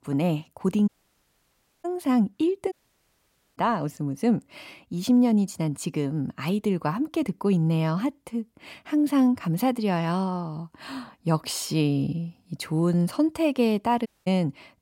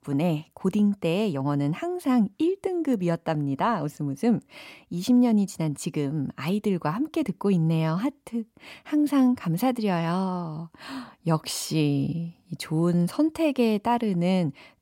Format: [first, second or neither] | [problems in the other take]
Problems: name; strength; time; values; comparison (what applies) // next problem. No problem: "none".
second | audio cutting out; at 1 s for 1 s, at 2.5 s for 1 s and at 14 s